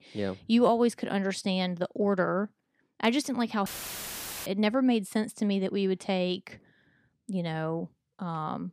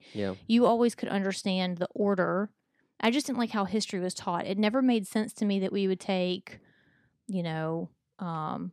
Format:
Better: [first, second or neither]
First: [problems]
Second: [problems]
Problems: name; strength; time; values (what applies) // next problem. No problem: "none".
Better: second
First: audio cutting out; filled with static; at 3.5 s for 1 s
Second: none